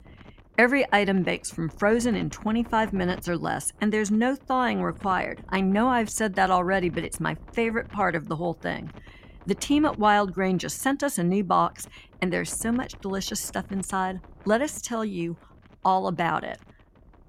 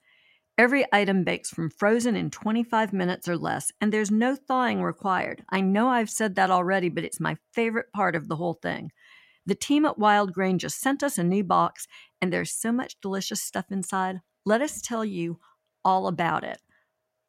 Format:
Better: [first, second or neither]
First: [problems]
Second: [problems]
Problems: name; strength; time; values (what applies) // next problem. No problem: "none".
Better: second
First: wind noise on the microphone; occasional gusts; 25 dB below the speech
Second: none